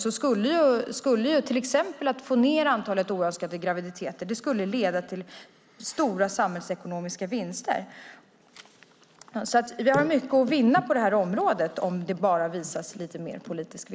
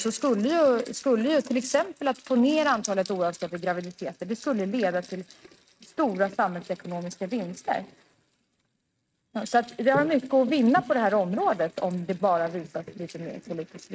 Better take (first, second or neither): first